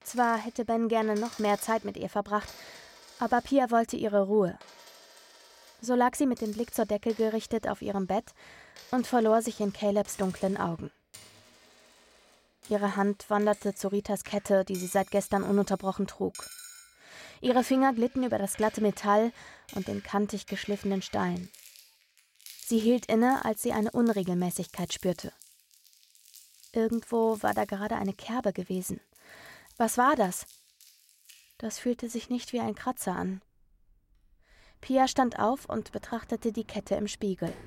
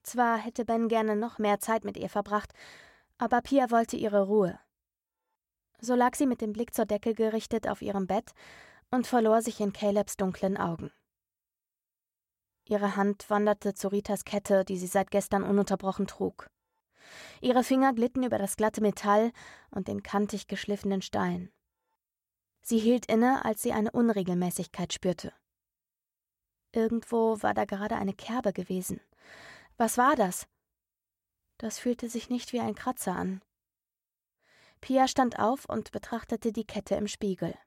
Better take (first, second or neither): second